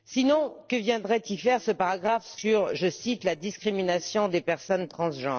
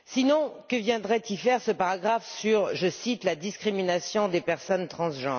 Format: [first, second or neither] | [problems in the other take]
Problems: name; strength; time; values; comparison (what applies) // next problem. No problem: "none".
second | noise reduction (neural separator model SepFormer DNS4)